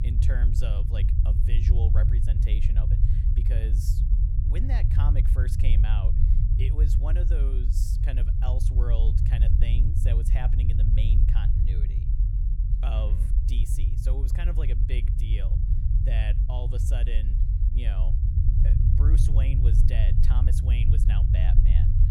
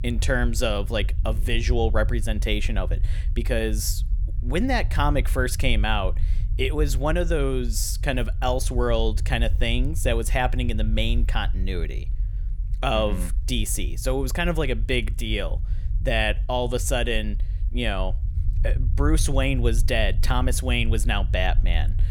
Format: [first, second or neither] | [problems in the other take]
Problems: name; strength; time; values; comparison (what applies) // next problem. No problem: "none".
second | low rumble; loud; throughout; as loud as the speech; faint in the second